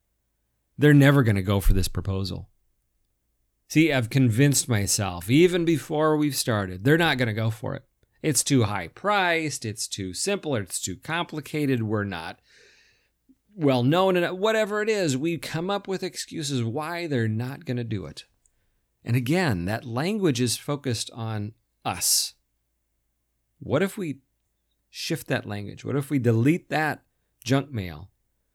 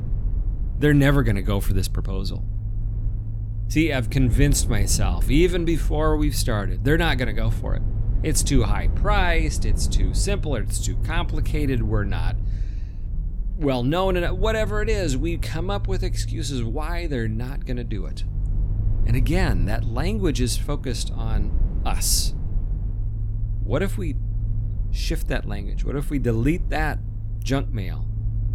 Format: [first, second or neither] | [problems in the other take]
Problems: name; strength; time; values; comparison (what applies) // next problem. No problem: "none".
first | low rumble; noticeable; throughout; 15 dB below the speech